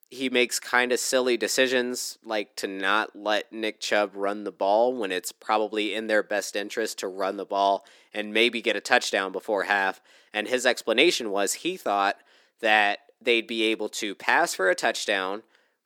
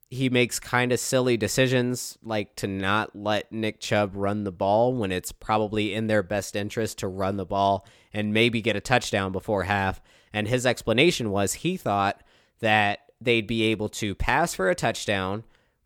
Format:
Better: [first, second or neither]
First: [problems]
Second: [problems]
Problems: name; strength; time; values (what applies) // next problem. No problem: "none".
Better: second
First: thin; somewhat; fading below 300 Hz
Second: none